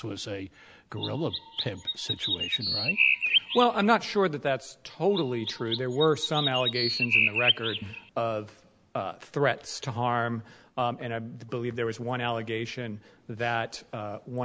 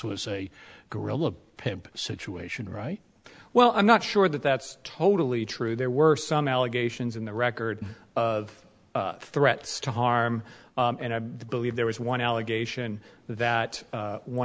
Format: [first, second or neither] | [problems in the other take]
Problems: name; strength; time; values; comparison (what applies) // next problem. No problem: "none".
second | background sound (Chirp, tweet); 1 dB above the speech